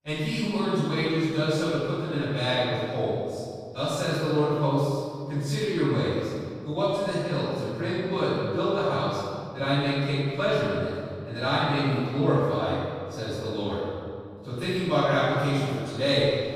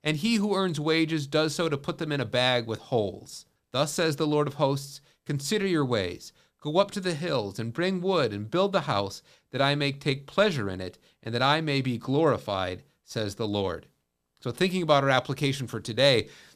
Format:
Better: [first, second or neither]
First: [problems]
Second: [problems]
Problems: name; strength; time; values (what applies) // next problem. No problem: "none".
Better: second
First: room echo; strong; dies away in 2.1 s // off-mic speech; far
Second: none